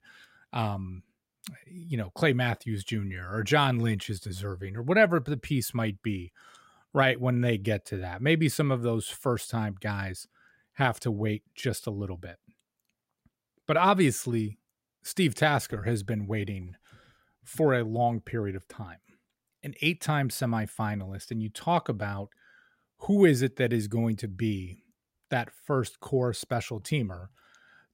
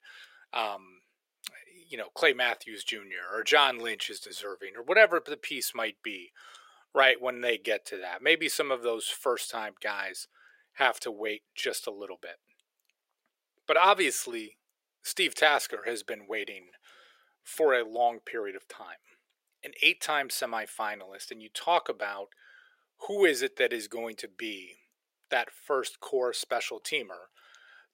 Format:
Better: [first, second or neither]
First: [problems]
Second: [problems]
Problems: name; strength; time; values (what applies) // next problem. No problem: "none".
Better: first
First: none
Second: thin; very; fading below 450 Hz